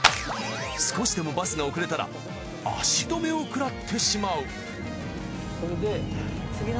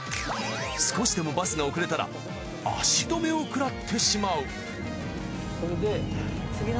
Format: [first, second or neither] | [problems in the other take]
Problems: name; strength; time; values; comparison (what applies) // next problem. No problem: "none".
second | background sound (Clapping); 5 dB above the speech